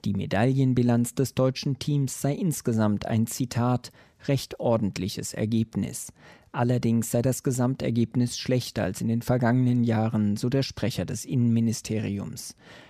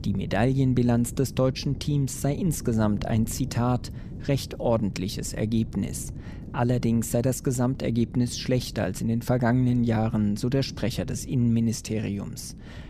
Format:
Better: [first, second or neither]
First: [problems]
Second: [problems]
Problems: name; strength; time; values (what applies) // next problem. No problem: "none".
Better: first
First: none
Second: wind noise on the microphone; occasional gusts; 20 dB below the speech